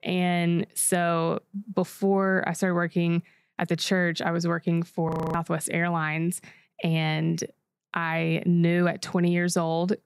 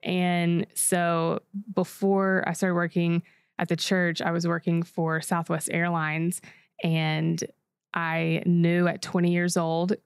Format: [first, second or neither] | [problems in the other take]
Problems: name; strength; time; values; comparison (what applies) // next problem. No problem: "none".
second | audio freezing; at 5 s